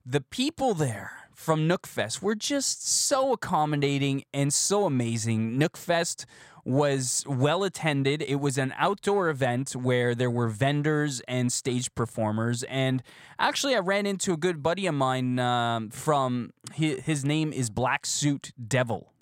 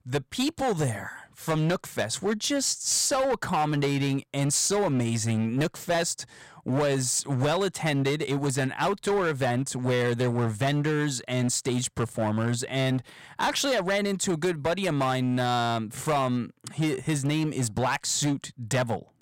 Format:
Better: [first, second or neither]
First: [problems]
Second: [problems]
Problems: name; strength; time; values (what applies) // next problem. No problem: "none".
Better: first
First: none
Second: distortion; slight; 12% of the sound clipped